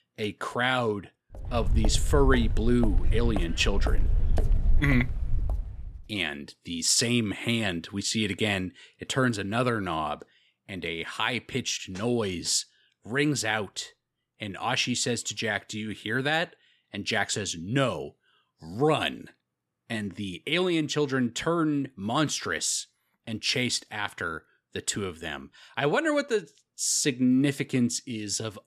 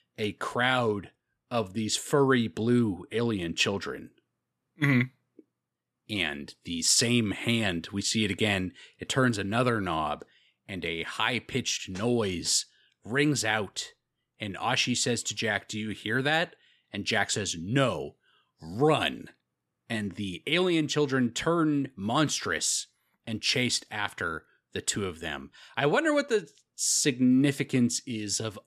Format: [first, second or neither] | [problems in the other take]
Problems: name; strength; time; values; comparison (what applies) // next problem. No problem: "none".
second | footsteps; loud; from 1.5 to 5.5 s; peak level with the speech